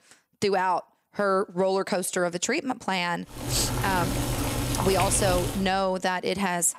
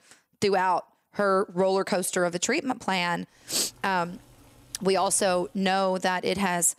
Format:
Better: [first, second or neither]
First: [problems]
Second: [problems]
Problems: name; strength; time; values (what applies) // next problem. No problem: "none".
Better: second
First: household noises; loud; from 3.5 s on; 3 dB below the speech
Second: household noises; faint; from 3.5 s on; 30 dB below the speech